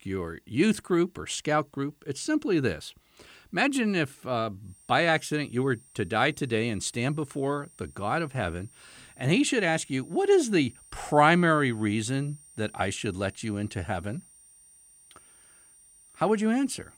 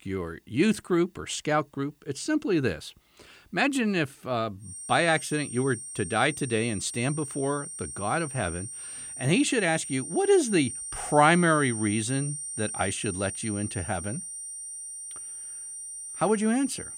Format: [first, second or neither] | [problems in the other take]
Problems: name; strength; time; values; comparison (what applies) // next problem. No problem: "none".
first | high-pitched whine; loud; from 4.5 s on; 9 kHz, 8 dB below the speech; faint in the first